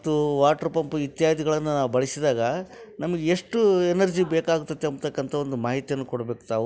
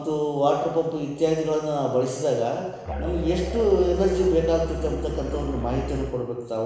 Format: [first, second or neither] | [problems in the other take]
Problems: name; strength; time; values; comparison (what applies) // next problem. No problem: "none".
first | background sound (Musical instrument); 6 dB below the speech // room echo; dies away in 1 s